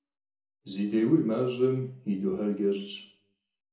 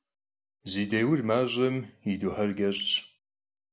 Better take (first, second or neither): second